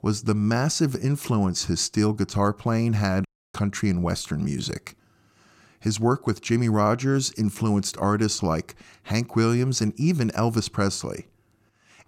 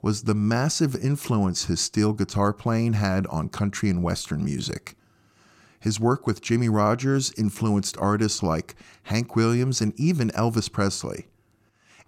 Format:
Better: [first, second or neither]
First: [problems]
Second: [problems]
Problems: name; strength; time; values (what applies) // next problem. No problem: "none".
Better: second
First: audio cutting out; at 3.5 s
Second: none